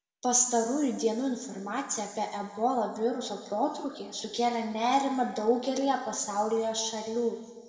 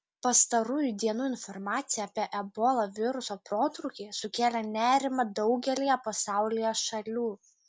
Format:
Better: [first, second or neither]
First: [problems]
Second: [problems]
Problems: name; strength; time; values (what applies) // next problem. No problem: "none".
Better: second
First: room echo; dies away in 1.4 s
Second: none